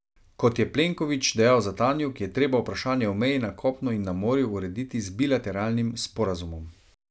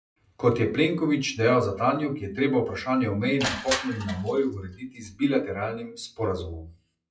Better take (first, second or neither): first